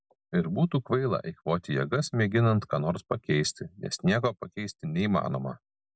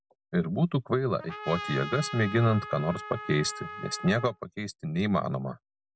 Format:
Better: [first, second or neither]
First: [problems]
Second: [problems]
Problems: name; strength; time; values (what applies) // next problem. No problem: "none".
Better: first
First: none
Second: background sound (Trumpet); 11 dB below the speech